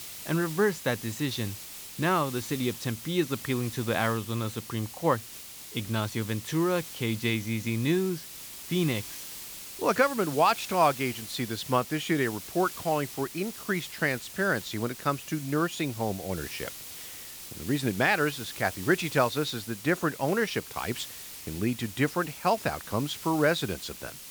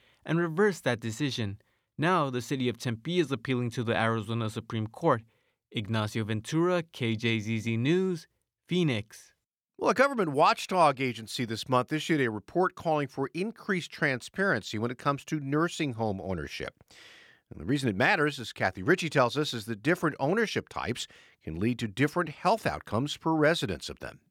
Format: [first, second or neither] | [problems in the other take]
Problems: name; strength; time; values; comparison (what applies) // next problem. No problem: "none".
second | hiss; noticeable; throughout; 10 dB below the speech